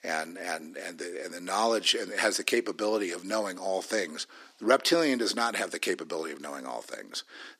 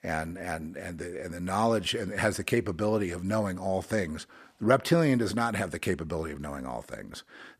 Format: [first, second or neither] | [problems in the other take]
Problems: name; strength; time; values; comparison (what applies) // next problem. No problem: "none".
second | thin; somewhat; fading below 300 Hz